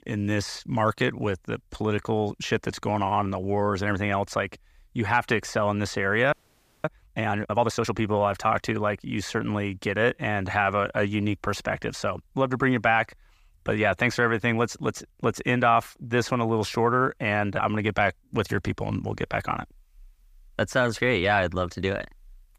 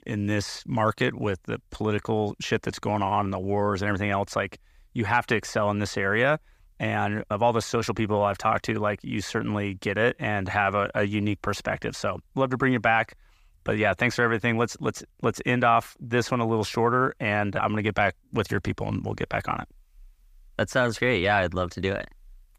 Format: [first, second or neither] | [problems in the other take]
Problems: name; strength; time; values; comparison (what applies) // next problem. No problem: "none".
second | audio freezing; at 6.5 s for 0.5 s